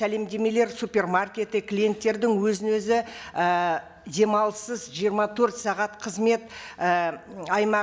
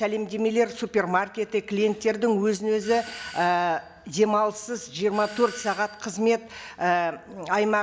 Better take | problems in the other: first | background sound (Doorbell); 19 dB below the speech

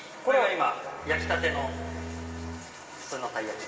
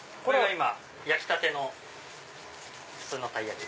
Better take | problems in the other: second | background sound (Bowed string instrument); 7 dB below the speech // room echo; dies away in 2.8 s

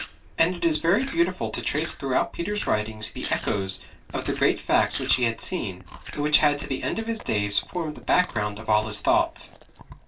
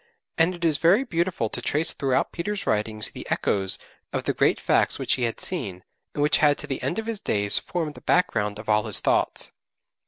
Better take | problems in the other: second | background sound (Chewing, mastication); 16 dB below the speech // room echo; dies away in 0.2 s

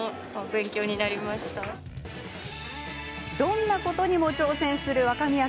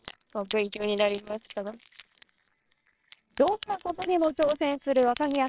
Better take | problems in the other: first | noise reduction (neural separator model SepFormer WHAMR!)

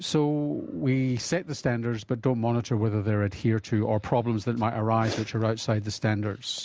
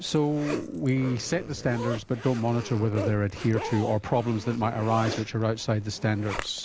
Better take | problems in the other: first | background sound (Zipper (clothing)); 11 dB below the speech

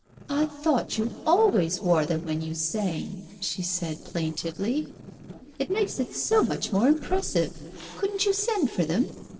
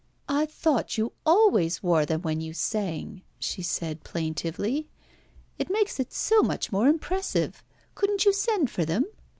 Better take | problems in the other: second | noise reduction (neural separator model SepFormer DNS4)

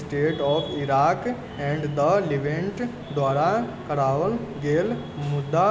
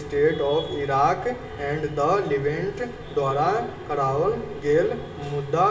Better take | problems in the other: first | room echo; dies away in 0.8 s

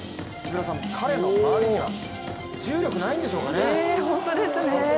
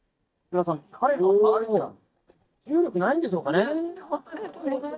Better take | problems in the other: first | noise reduction (neural mask model DeepFilterNet 3)

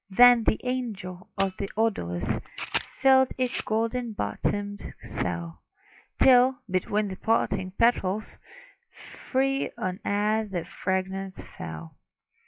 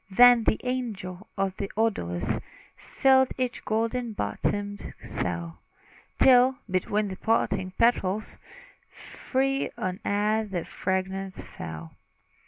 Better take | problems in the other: second | noise reduction (classical method log-MMSE)

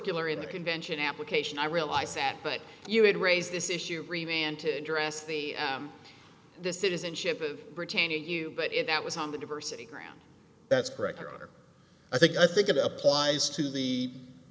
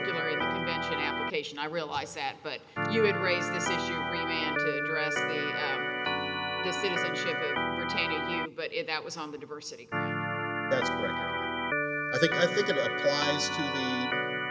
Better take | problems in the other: first | background sound (Organ); 2 dB above the speech

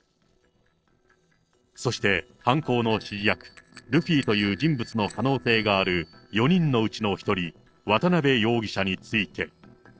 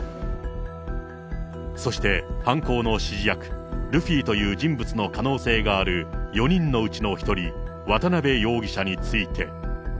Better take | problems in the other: second | noise reduction (neural separator model SepFormer DNS4)

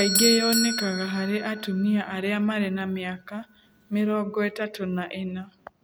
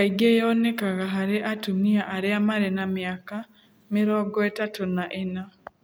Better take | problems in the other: second | background sound (Bell / Doorbell); 6 dB below the speech

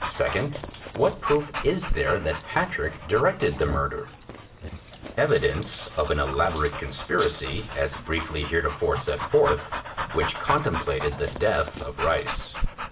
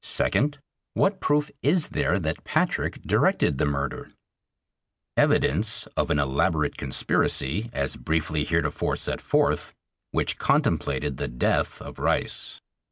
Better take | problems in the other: second | background sound (Dog); 8 dB below the speech // room echo; dies away in 0.4 s

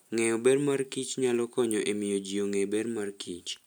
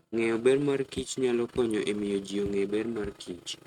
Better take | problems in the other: first | noise reduction (neural mask model RNNoise)

